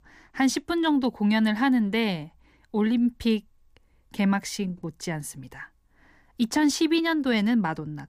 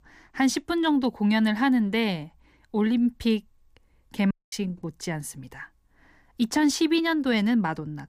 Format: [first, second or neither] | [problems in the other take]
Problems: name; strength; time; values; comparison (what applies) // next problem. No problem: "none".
first | audio cutting out; at 4.5 s